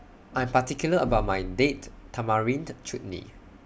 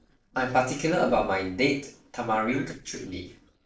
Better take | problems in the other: first | noise reduction (neural separator model SepFormer DNS4)

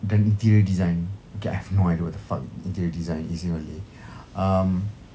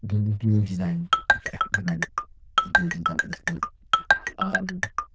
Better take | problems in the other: first | noise reduction (neural diffusion model UNIVERSE++)

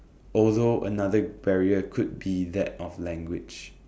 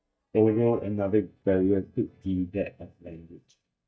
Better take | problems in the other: first | noise reduction (neural mask model DeepFilterNet 3)

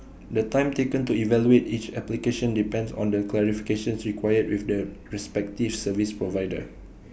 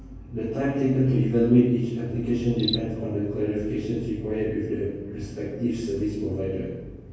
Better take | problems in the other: first | background sound (Cricket); 19 dB below the speech // room echo; dies away in 1.3 s

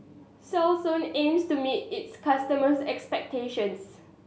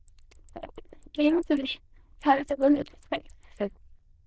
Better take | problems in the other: first | noise reduction (neural diffusion model UNIVERSE++)

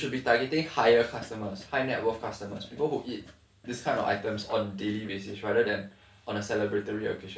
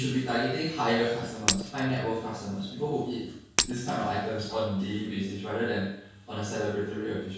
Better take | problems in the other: first | background sound (Shatter); 4 dB below the speech // room echo; dies away in 0.6 s

